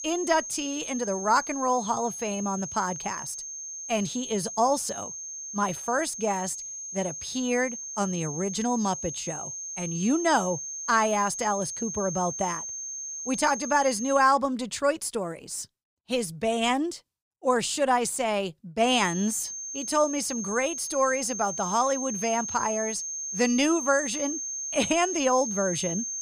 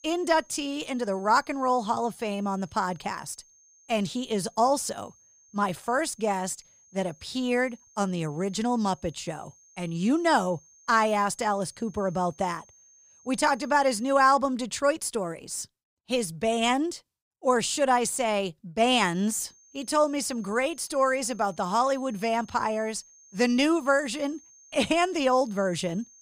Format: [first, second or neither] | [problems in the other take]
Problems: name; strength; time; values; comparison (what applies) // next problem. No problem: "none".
second | high-pitched whine; loud; until 14 s and from 19 s on; 6.5 kHz, 6 dB below the speech; faint in the second